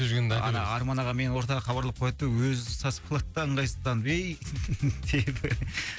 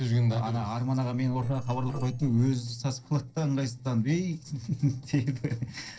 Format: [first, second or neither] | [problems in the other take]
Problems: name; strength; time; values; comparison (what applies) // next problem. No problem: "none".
first | noise reduction (neural separator model SepFormer DNS4)